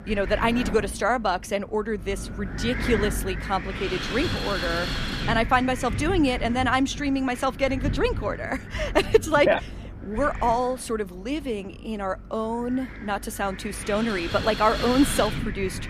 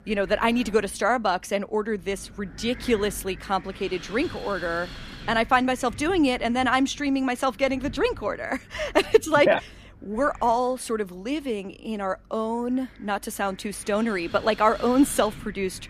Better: second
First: wind noise on the microphone; heavy; 9 dB below the speech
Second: wind noise on the microphone; occasional gusts; 20 dB below the speech

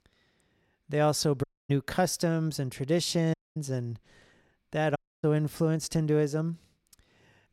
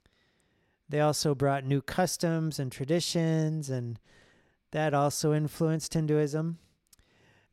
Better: second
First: audio cutting out; at 1.5 s, at 3.5 s and at 5 s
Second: none

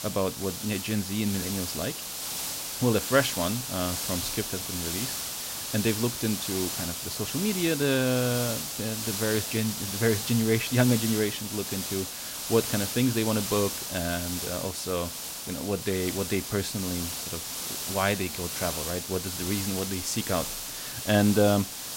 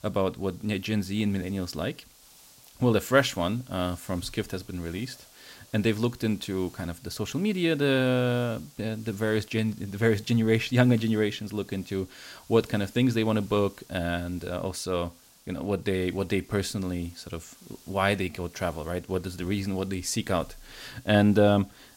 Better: second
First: hiss; loud; throughout; 3 dB below the speech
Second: hiss; faint; throughout; 25 dB below the speech

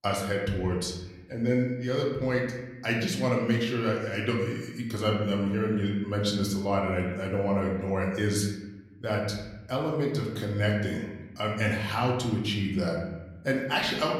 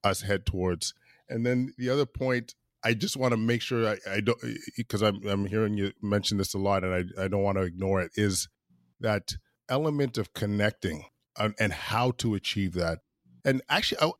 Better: second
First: room echo; noticeable; dies away in 1 s // off-mic speech; somewhat distant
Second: none

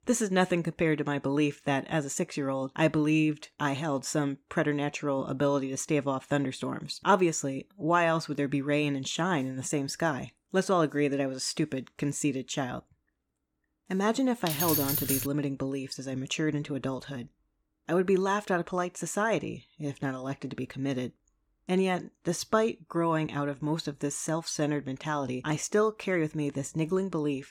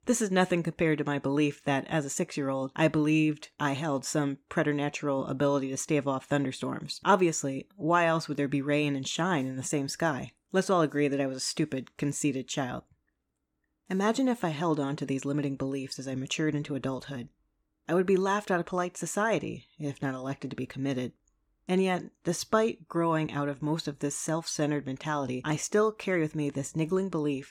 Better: second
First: jangling keys; loud; at 14 s; peak 3 dB above the speech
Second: none

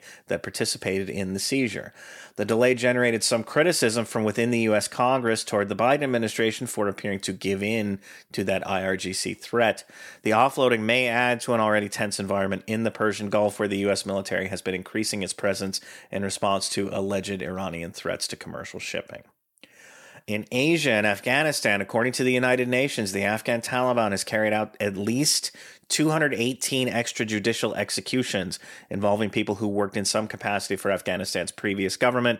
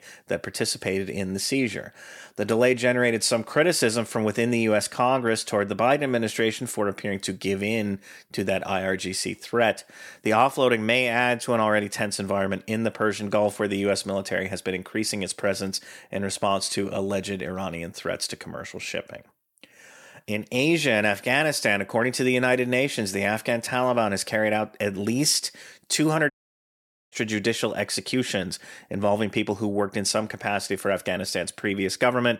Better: first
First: none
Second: audio cutting out; at 26 s for 1 s

